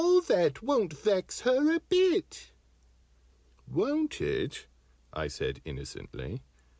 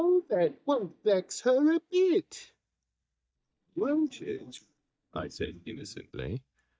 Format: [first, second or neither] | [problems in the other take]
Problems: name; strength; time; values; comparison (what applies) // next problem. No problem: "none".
first | noise reduction (neural mask model DeepFilterNet 3)